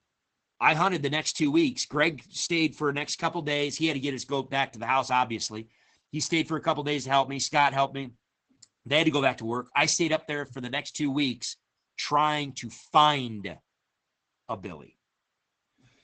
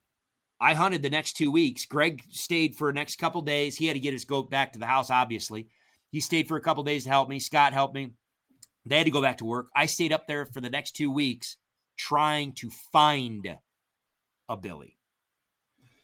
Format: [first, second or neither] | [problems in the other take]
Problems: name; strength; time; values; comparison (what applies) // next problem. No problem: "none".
second | garbled, watery; badly; nothing above 8 kHz; slightly in the second